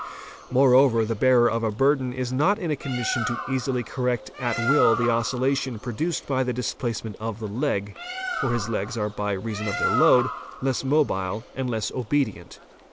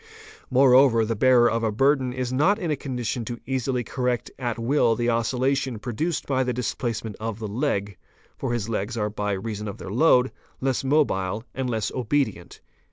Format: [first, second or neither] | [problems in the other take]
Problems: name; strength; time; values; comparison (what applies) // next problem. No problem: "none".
second | background sound (Bird); 9 dB below the speech